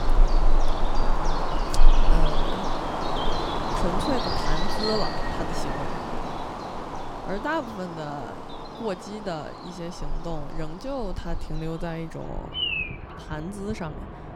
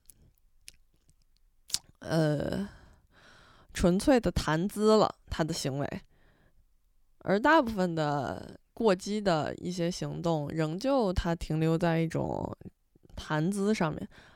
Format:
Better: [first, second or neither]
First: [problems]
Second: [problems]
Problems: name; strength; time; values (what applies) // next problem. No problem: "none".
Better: second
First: animal sounds; very loud; throughout; 4 dB above the speech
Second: none